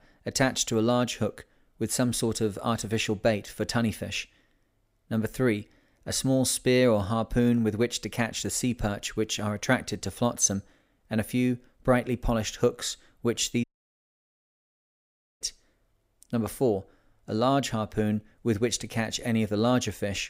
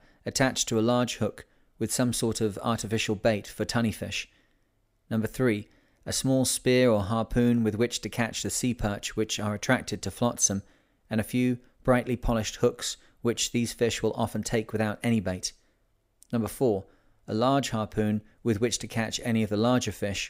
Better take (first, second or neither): second